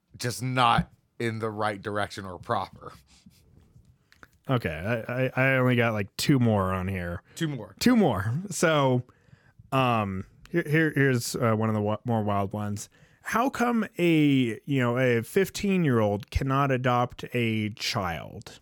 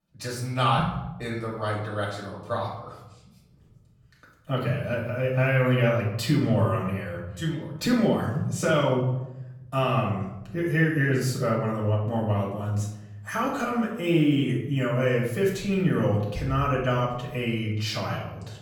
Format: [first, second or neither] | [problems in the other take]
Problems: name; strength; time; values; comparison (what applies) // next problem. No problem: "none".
first | room echo; noticeable; dies away in 0.8 s // off-mic speech; far